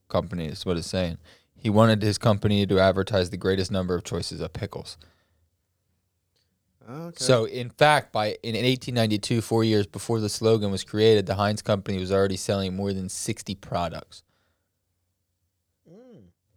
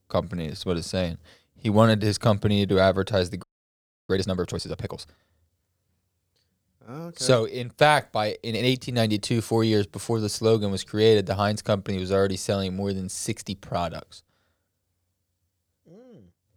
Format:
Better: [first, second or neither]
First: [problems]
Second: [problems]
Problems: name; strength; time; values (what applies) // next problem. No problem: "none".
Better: first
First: none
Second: audio freezing; at 3.5 s for 0.5 s